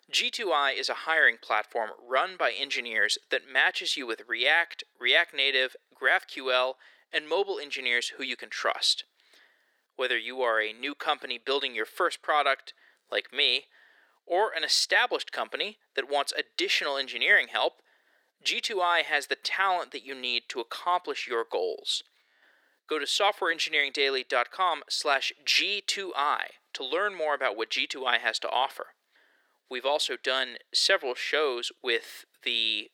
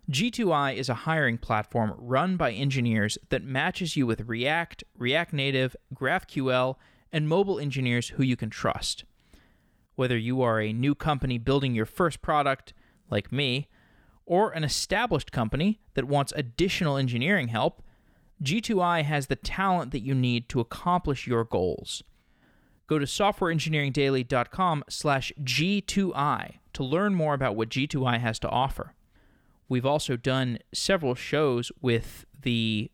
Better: second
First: thin; very; fading below 400 Hz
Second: none

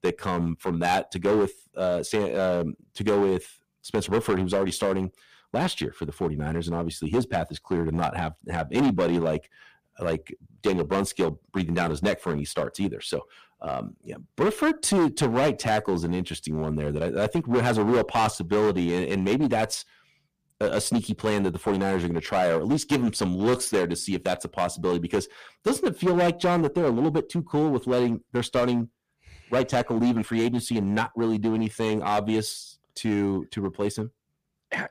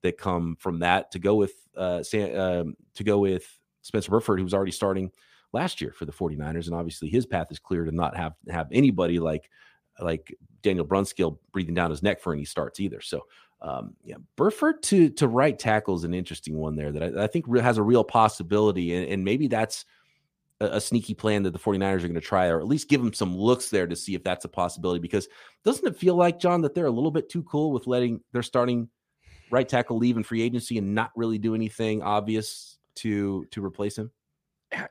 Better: second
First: distortion; heavy; 8% of the sound clipped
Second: none

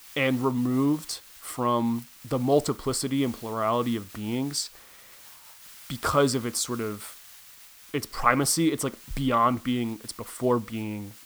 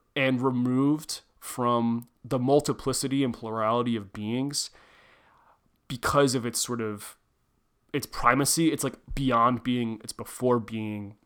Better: second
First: hiss; noticeable; throughout; 20 dB below the speech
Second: none

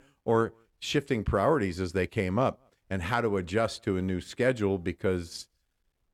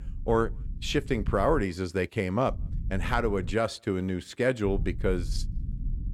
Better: first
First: none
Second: low rumble; faint; until 1.5 s, from 2.5 to 3.5 s and from 4.5 s on; 25 dB below the speech

